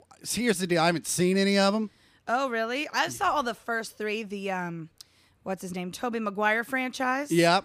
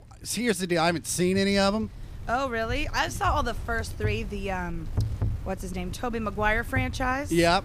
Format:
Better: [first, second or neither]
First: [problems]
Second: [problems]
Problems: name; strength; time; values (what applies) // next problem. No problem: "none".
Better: first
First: none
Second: wind noise on the microphone; occasional gusts; 20 dB below the speech